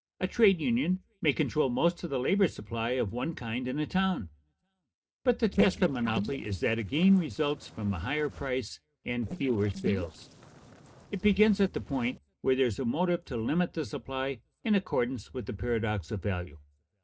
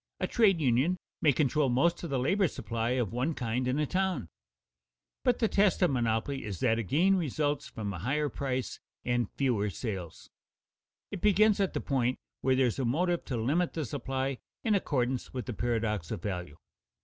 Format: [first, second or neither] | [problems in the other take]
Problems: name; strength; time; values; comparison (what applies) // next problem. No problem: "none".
second | noise reduction (neural separator model SepFormer DNS4)